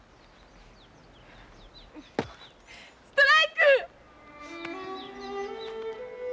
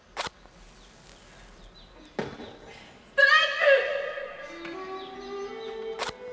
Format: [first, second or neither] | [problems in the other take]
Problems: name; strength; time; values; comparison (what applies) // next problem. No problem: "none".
first | background sound (Fire); 17 dB below the speech // room echo; dies away in 2.5 s